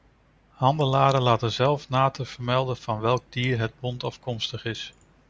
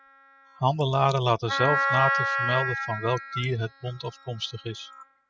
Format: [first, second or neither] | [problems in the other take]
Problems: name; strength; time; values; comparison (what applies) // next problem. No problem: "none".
first | noise reduction (classical method spectral subtraction)